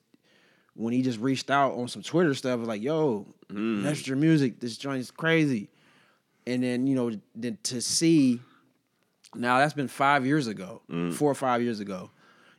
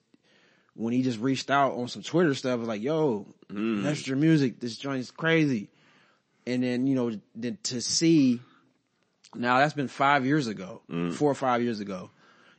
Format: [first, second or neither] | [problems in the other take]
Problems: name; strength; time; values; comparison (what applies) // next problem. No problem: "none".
first | garbled, watery; slightly; nothing above 8 kHz